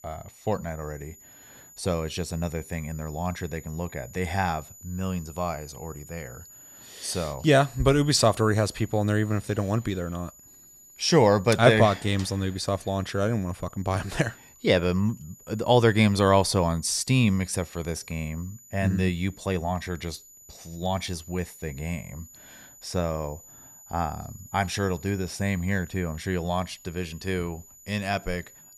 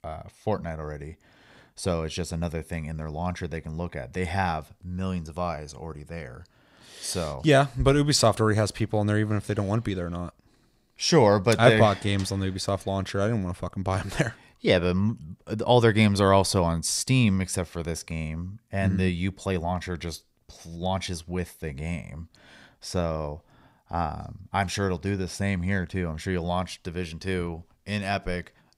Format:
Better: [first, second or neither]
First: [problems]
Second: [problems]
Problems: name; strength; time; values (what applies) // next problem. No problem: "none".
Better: second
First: high-pitched whine; faint; throughout; 7 kHz, 20 dB below the speech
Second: none